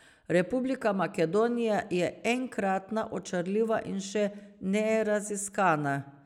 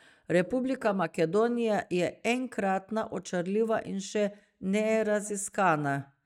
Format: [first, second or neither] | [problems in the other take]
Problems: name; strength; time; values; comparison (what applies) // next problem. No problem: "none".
first | noise reduction (neural mask model DeepFilterNet 3)